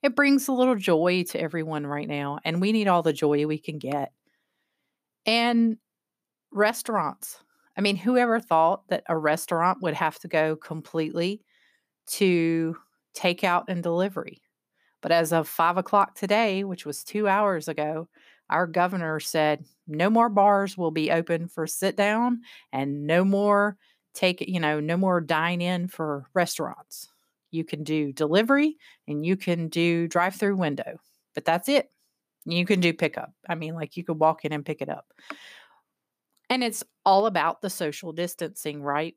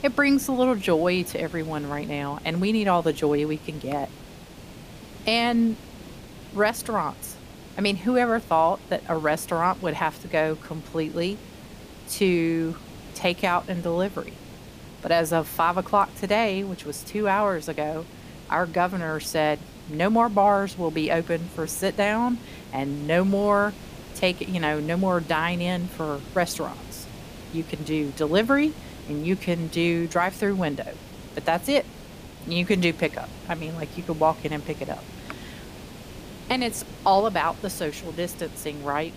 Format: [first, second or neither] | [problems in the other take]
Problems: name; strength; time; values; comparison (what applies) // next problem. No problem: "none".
first | hiss; noticeable; throughout; 15 dB below the speech